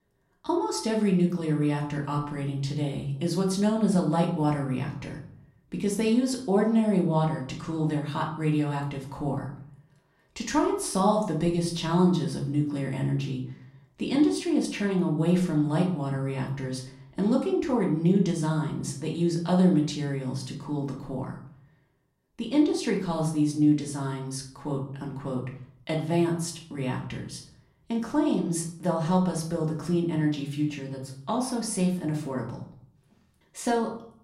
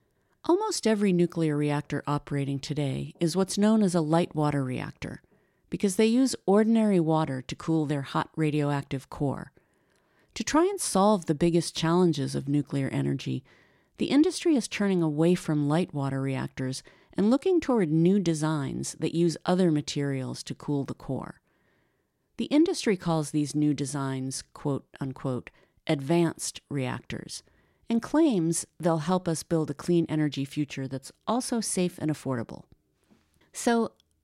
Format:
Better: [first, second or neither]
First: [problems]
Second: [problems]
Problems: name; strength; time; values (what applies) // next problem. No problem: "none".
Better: second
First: room echo; slight; dies away in 0.5 s // off-mic speech; far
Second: none